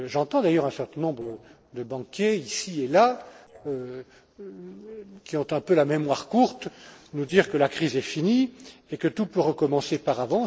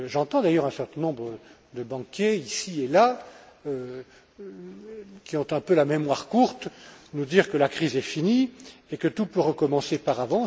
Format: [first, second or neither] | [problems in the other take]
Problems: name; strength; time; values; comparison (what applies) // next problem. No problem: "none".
second | noise reduction (neural separator model SepFormer DNS4)